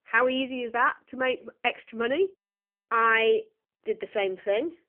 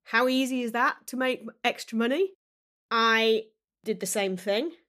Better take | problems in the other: second | phone-call audio; poor line; nothing above 3 kHz

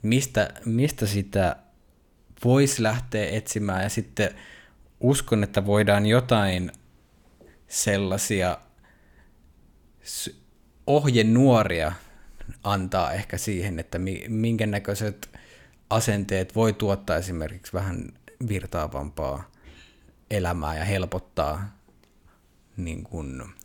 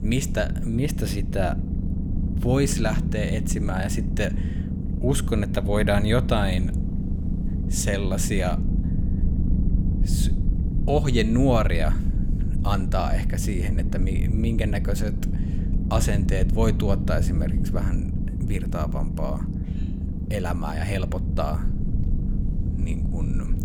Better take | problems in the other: first | low rumble; loud; throughout; 8 dB below the speech

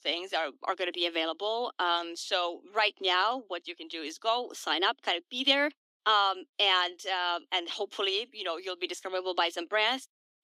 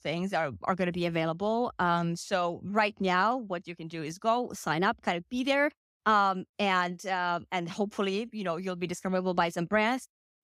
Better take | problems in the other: second | thin; somewhat; fading below 250 Hz

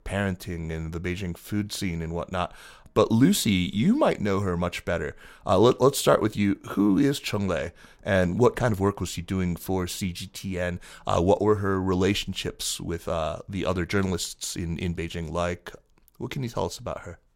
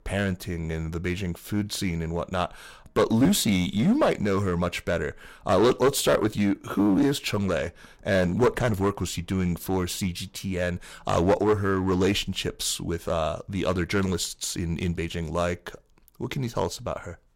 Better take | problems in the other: first | distortion; slight; 4% of the sound clipped

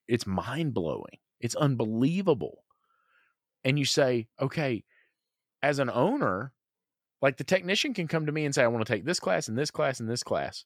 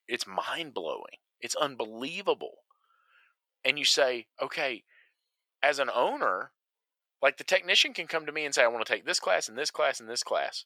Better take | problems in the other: first | thin; very; fading below 650 Hz

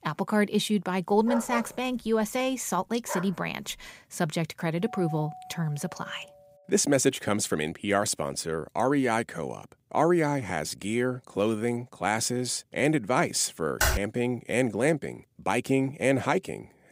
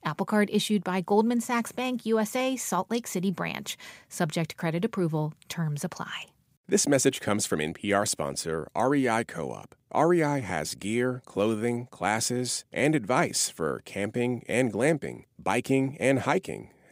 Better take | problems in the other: second | dog barking; noticeable; from 1.5 to 3.5 s; peak 5 dB below the speech // doorbell; faint; from 5 to 6.5 s; peak 10 dB below the speech // keyboard typing; loud; at 14 s; peak 1 dB above the speech

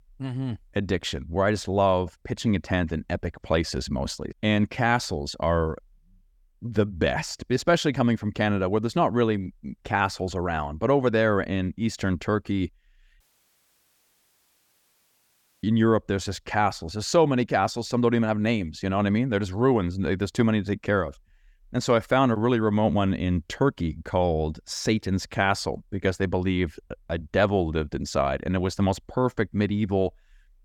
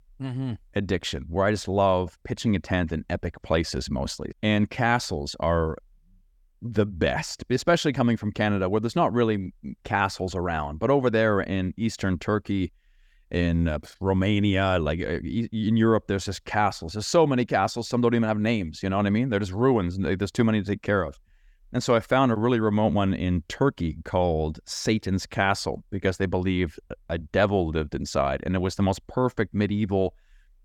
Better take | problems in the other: second | audio cutting out; at 13 s for 2.5 s

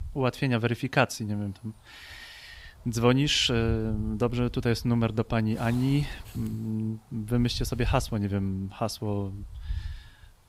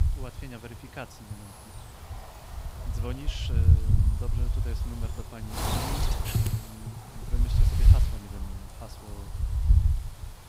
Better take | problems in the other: first | wind noise on the microphone; heavy; 5 dB above the speech; occasional gusts in the first

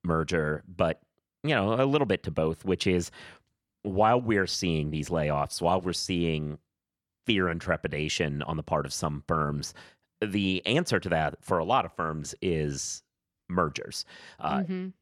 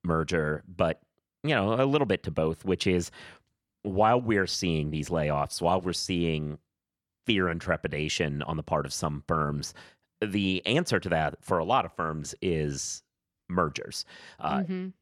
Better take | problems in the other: neither | none

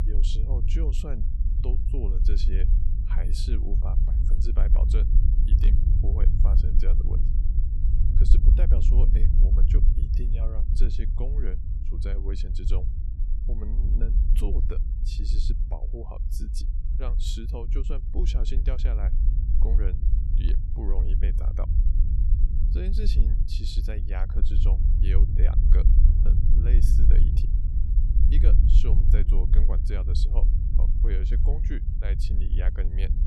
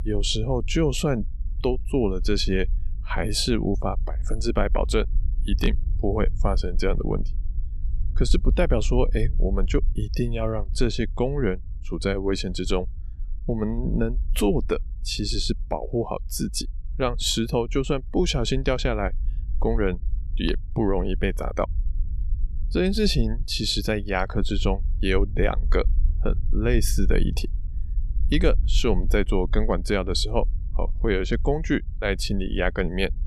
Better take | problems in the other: second | low rumble; loud; throughout; 2 dB below the speech; faint in the second

